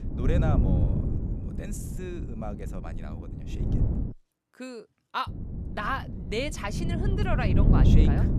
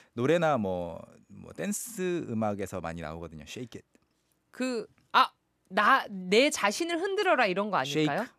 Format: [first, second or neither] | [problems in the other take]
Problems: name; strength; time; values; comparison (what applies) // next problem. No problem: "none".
second | wind noise on the microphone; heavy; until 4 s and from 5.5 s on; 4 dB below the speech